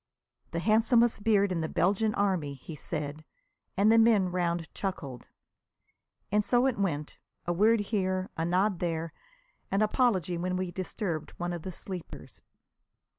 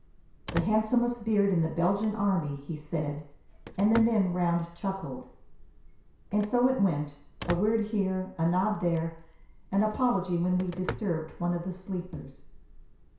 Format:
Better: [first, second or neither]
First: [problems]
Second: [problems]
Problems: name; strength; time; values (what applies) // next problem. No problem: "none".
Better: first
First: none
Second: background sound (Telephone); 15 dB below the speech // room echo; dies away in 0.6 s